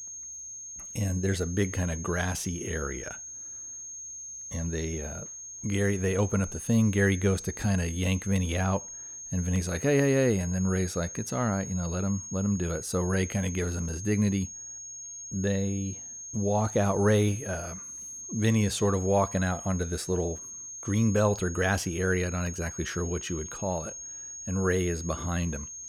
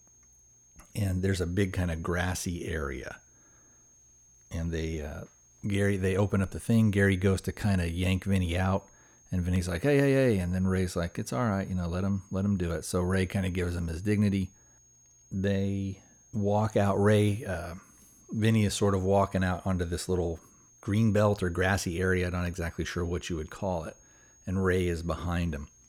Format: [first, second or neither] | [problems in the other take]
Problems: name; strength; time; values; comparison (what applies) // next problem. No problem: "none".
second | high-pitched whine; loud; throughout; 6.5 kHz, 10 dB below the speech; faint in the second